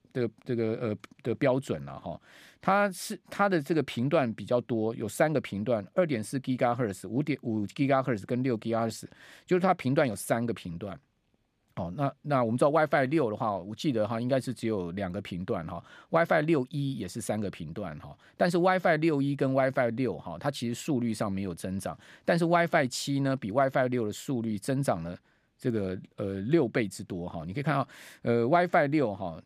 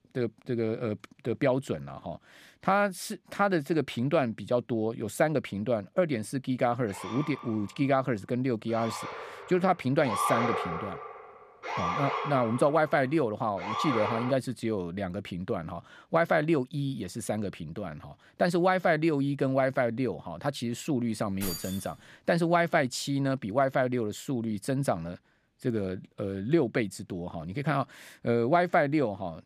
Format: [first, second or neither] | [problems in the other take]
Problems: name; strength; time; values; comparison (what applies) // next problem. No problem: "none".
first | siren; loud; from 7 to 14 s; peak 1 dB above the speech // jangling keys; noticeable; at 21 s; peak 7 dB below the speech